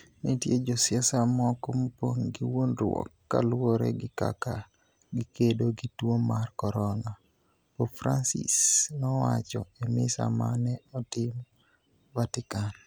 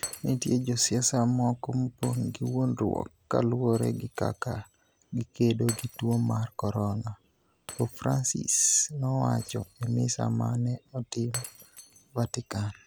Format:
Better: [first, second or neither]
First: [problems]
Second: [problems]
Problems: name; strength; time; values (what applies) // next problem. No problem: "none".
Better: first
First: none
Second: background sound (Shatter); 19 dB below the speech